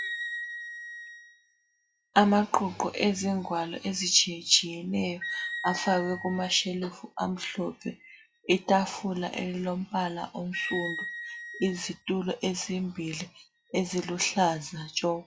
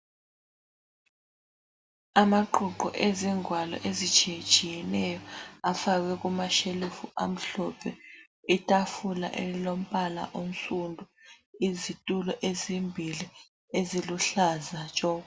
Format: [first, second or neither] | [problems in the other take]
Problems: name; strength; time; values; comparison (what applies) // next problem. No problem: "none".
second | noise reduction (classical method log-MMSE)